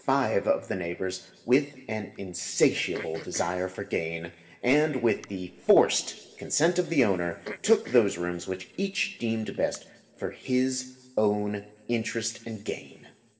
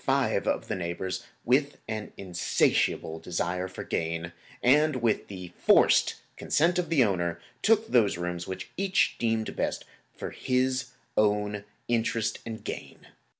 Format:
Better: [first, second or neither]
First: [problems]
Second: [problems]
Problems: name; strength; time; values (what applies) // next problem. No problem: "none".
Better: second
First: noise reduction (neural separator model SepFormer DNS4)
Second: none